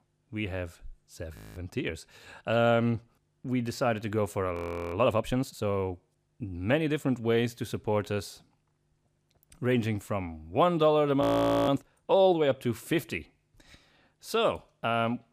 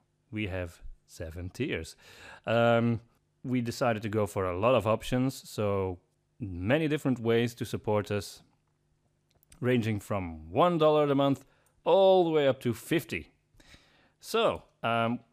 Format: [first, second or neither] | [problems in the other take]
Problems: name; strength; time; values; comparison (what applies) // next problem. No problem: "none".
second | audio freezing; at 1.5 s, at 4.5 s and at 11 s